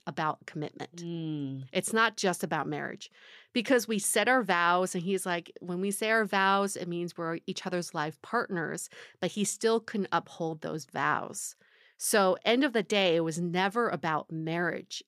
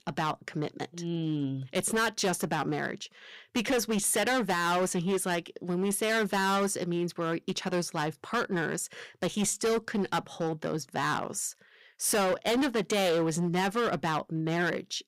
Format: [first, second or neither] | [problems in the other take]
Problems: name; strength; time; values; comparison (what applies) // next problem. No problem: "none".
first | distortion; heavy; 13% of the sound clipped